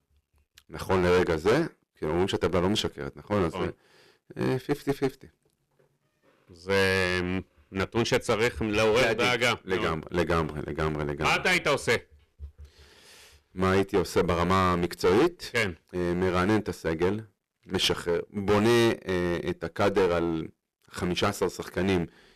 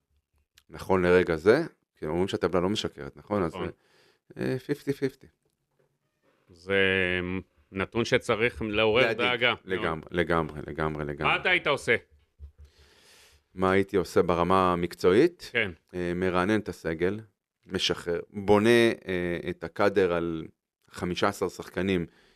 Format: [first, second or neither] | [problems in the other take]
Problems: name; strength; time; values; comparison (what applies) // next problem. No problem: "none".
second | distortion; heavy; 8% of the sound clipped